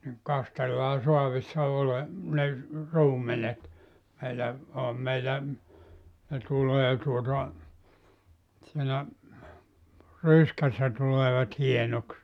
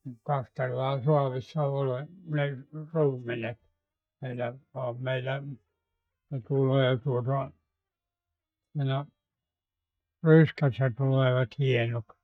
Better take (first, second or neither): first